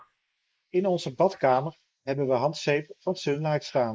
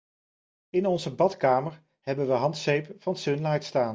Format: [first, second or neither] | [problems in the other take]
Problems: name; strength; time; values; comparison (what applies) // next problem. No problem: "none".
second | noise reduction (neural mask model Resemble Enhance denoiser)